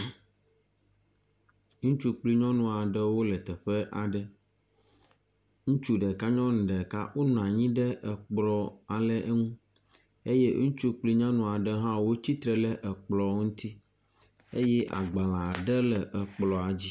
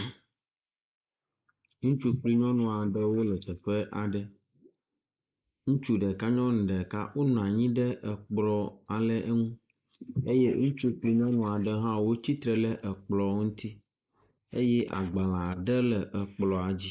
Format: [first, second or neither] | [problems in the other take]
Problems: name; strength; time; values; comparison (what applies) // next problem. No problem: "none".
first | noise reduction (neural mask model Resemble Enhance denoiser)